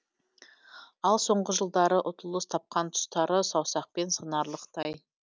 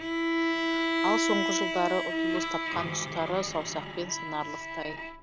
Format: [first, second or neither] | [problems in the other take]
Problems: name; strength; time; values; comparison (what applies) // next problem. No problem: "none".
first | background sound (Bowed string instrument); 3 dB above the speech